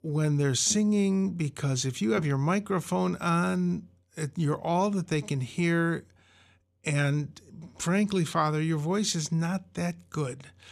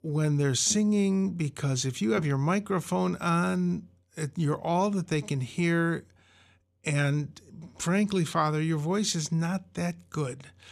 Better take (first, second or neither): neither